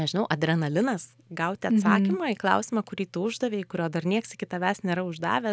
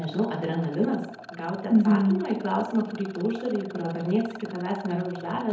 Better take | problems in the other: first | background sound (Rattle); 17 dB below the speech // room echo; dies away in 2 s

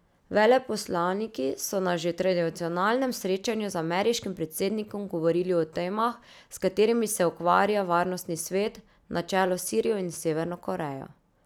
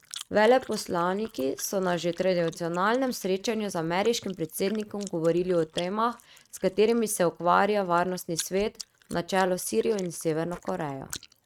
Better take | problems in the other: first | noise reduction (neural mask model RNNoise)

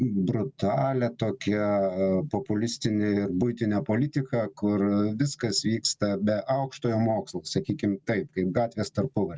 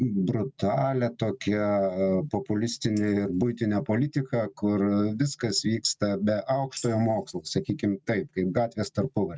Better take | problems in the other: first | noise reduction (neural mask model RNNoise)

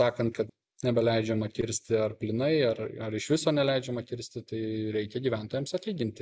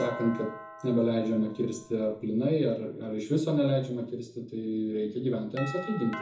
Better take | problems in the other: first | background sound (Doorbell); 16 dB below the speech // room echo; dies away in 0.6 s

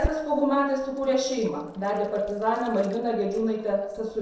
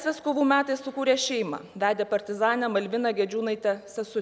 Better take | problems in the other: second | noise reduction (neural separator model SepFormer DNS4)

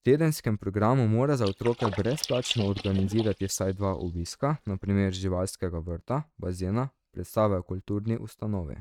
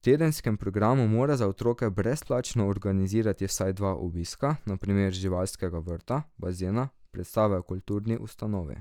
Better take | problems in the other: second | noise reduction (neural mask model RNNoise)

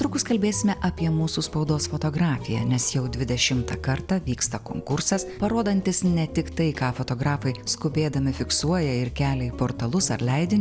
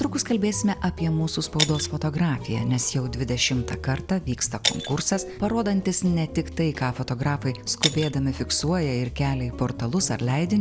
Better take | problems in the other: first | background sound (Shatter); 11 dB below the speech

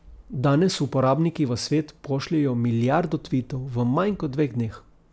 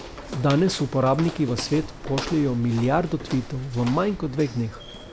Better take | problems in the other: first | background sound (Walk, footsteps); 12 dB below the speech

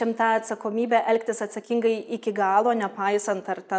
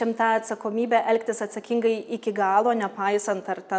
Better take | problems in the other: second | noise reduction (neural mask model Resemble Enhance denoiser)

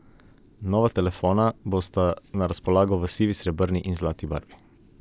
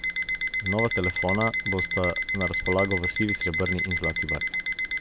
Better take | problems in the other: first | background sound (Alarm); 1 dB above the speech

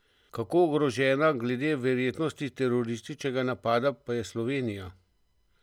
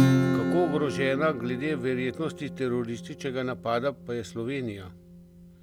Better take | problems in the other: first | background sound (Acoustic guitar / Strum); as loud as the speech

